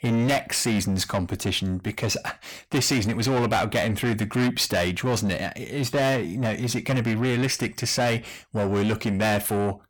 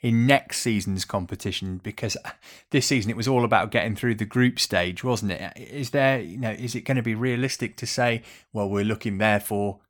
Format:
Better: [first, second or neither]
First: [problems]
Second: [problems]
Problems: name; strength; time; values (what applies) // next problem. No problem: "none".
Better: second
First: distortion; heavy; 7 dB below the speech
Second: none